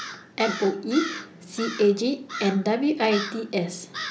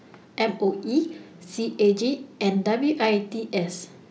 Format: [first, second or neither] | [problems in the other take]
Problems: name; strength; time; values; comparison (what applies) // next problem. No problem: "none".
second | background sound (Crow); 11 dB below the speech